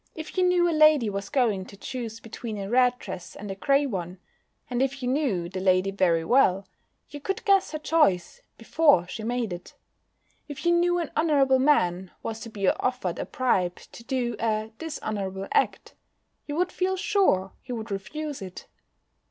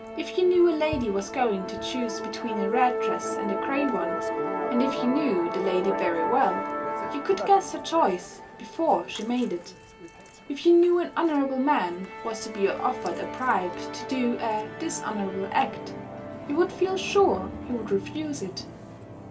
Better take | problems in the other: first | background sound (Musical instrument); 7 dB below the speech // room echo; dies away in 0.2 s

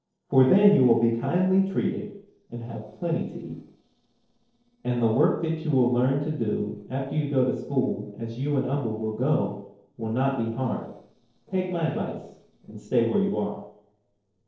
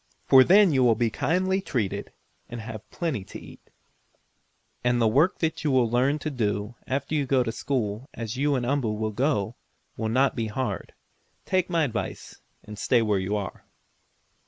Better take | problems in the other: second | noise reduction (neural separator model SepFormer DNS4)

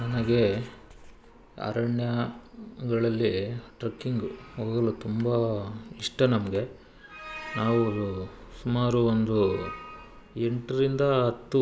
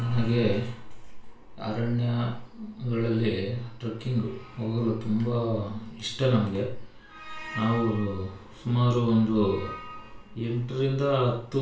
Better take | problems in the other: first | room echo; dies away in 0.3 s

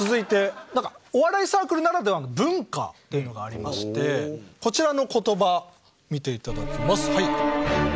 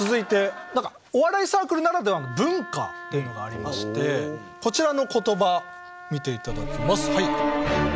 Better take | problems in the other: first | background sound (Wind instrument, woodwind instrument); 18 dB below the speech

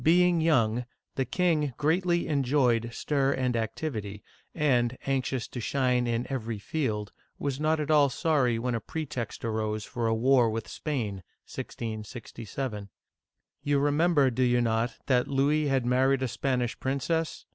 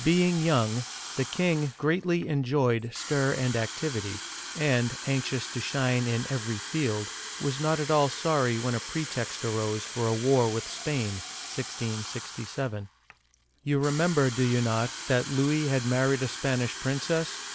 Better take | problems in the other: first | background sound (Fill (with liquid) / Water tap, faucet); 11 dB below the speech

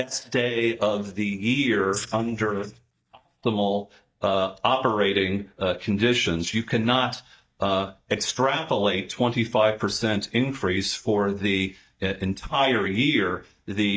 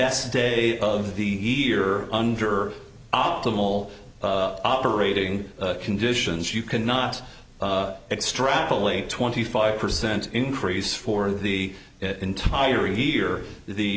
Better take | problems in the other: second | noise reduction (neural mask model DeepFilterNet 3)

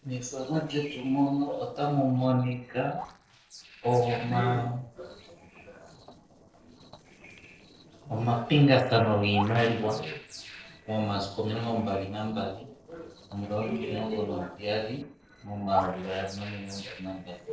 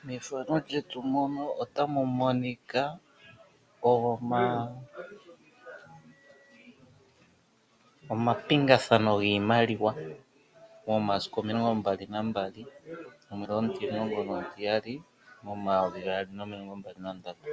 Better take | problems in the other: second | noise reduction (neural separator model SepFormer DNS4)

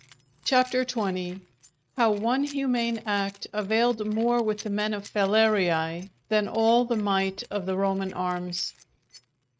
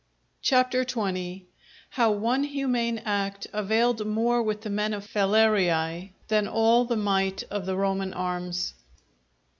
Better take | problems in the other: second | noise reduction (neural mask model RNNoise)

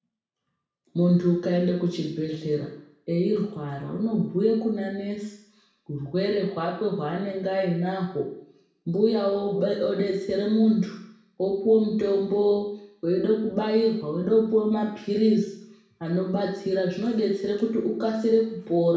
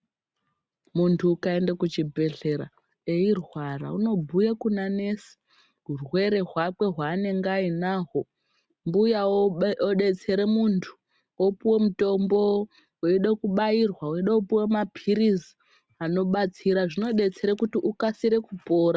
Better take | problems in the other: second | room echo; dies away in 0.7 s

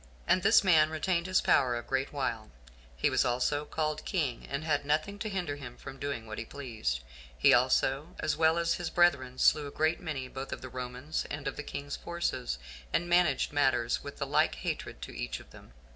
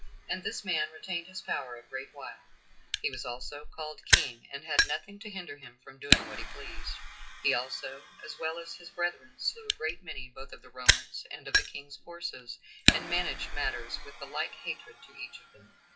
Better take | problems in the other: first | noise reduction (classical method WPE with log-MMSE)

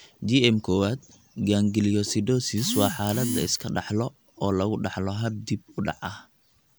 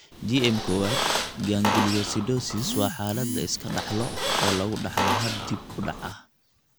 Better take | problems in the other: first | background sound (Squeak); 1 dB below the speech

